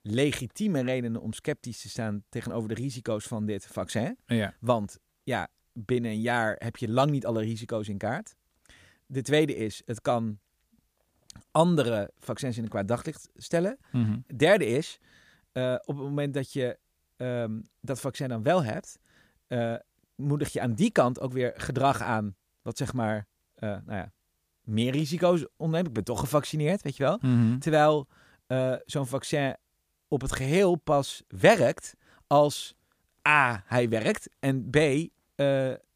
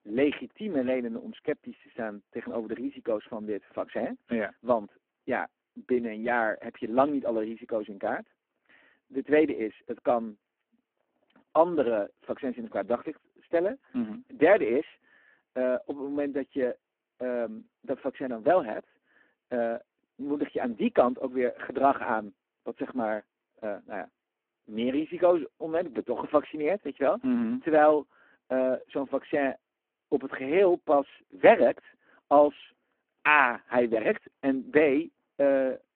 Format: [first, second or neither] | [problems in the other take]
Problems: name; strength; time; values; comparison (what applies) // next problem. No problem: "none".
first | phone-call audio; poor line